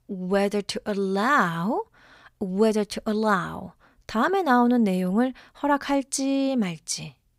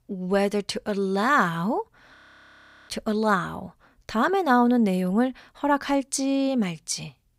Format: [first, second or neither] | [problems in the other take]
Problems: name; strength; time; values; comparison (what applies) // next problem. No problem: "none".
first | audio freezing; at 2 s for 0.5 s